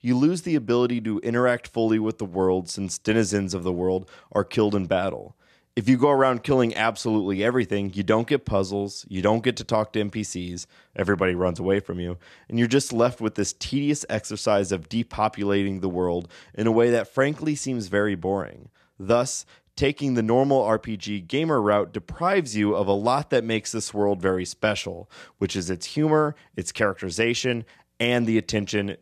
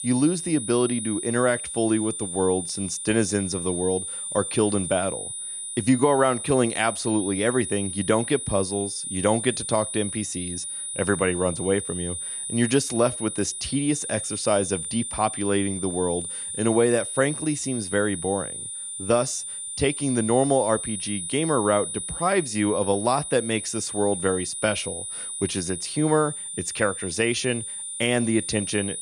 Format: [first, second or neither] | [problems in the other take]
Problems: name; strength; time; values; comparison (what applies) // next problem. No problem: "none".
first | high-pitched whine; loud; throughout; 9.5 kHz, 5 dB below the speech